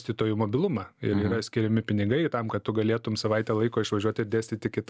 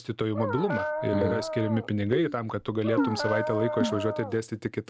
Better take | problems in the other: first | background sound (Keyboard (musical) + Dog); 2 dB below the speech

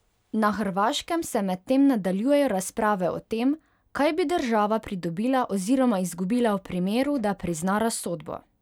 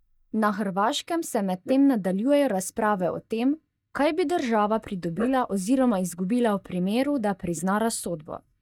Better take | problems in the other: first | noise reduction (neural mask model DeepFilterNet 3)

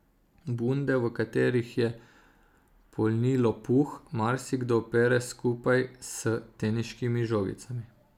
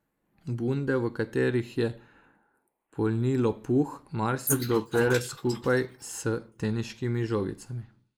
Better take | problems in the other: first | noise reduction (neural mask model Resemble Enhance denoiser)

